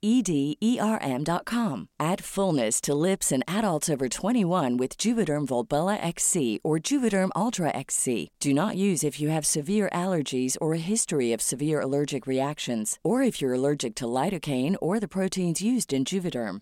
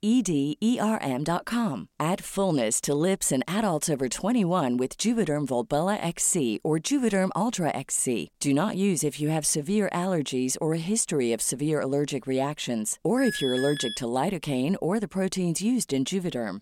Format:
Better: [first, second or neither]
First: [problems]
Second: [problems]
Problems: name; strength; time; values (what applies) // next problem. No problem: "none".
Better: first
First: none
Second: alarm; noticeable; at 13 s; peak 5 dB below the speech